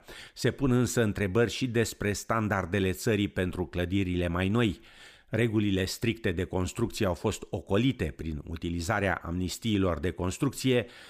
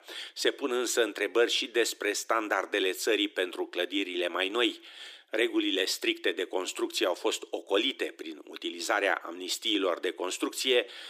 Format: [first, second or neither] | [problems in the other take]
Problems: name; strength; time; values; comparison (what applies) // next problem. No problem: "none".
first | thin; very; fading below 300 Hz